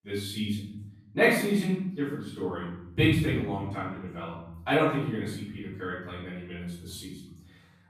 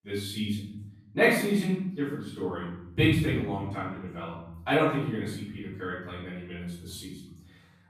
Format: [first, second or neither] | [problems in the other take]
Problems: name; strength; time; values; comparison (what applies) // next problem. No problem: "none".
neither | off-mic speech; far; the same in both // room echo; noticeable; dies away in 1.1 s; the same in both